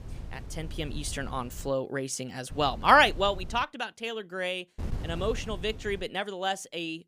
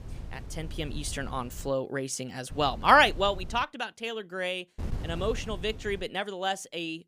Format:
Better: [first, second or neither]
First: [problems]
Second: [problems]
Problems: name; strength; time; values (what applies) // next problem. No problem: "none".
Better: neither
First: wind noise on the microphone; occasional gusts; until 1.5 s, from 2.5 to 3.5 s and from 5 to 6 s; 25 dB below the speech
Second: wind noise on the microphone; occasional gusts; until 1.5 s, from 2.5 to 3.5 s and from 5 to 6 s; 25 dB below the speech